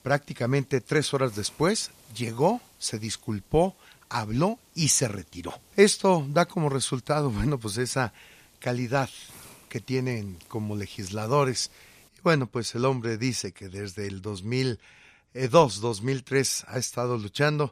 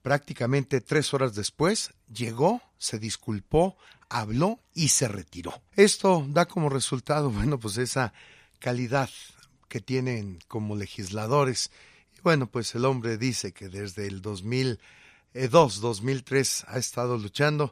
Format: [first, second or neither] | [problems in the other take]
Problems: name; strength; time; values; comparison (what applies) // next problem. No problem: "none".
second | hiss; faint; until 12 s; 30 dB below the speech